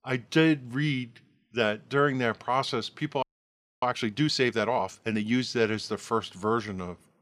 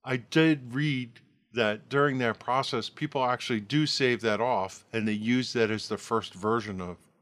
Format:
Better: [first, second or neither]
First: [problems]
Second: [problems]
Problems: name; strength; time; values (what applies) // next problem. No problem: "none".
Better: second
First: audio freezing; at 3 s for 0.5 s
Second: none